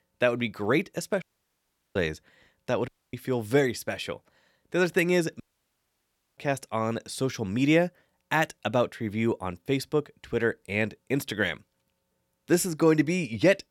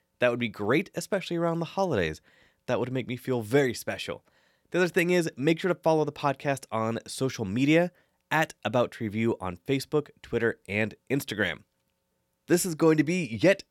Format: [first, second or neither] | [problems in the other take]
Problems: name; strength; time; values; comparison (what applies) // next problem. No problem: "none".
second | audio cutting out; at 1 s for 0.5 s, at 3 s and at 5.5 s for 1 s